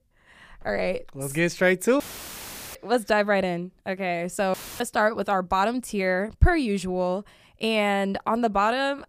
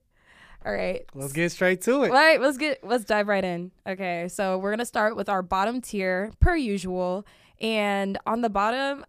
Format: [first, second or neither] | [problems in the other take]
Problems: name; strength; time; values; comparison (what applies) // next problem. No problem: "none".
second | audio cutting out; filled with static; at 2 s for 1 s and at 4.5 s